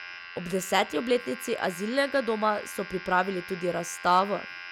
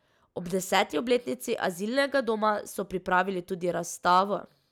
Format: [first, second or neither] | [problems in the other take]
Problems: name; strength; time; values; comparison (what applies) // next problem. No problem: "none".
second | background sound (Domestic sounds, home sounds); 14 dB below the speech